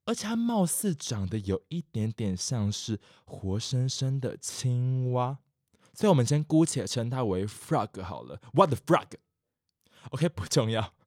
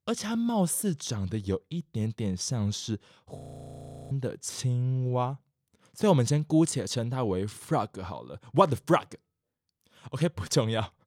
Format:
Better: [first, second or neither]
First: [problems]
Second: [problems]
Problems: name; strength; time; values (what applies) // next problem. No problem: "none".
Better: first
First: none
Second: audio freezing; at 3.5 s for 0.5 s